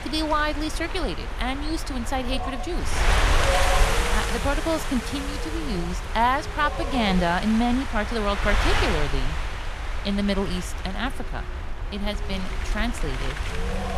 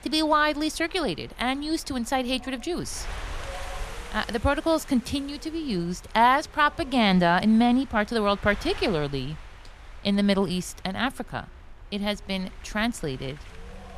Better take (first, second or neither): second